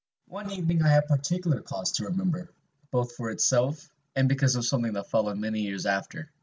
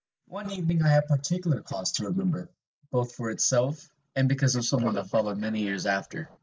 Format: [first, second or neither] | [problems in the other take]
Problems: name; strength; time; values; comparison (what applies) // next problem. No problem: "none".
first | noise reduction (neural mask model Resemble Enhance denoiser)